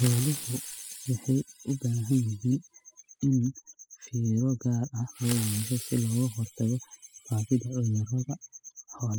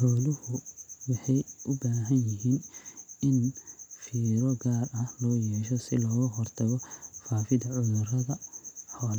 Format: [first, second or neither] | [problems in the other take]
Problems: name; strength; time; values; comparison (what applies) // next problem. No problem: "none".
second | noise reduction (classical method spectral subtraction)